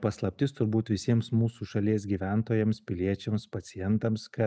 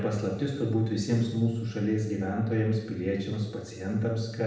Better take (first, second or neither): first